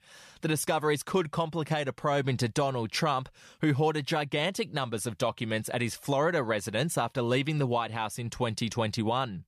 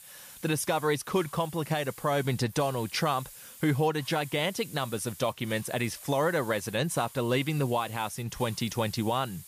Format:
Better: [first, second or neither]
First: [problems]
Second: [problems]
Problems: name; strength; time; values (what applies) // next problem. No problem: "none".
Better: first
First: none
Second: hiss; noticeable; throughout; 15 dB below the speech